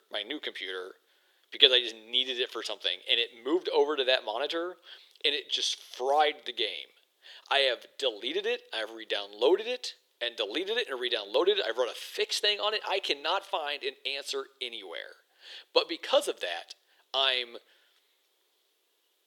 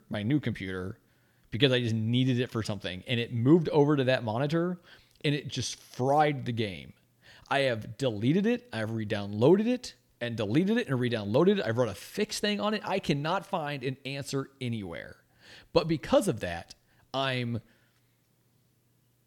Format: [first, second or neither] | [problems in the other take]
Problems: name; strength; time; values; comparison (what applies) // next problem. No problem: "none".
second | thin; very; fading below 400 Hz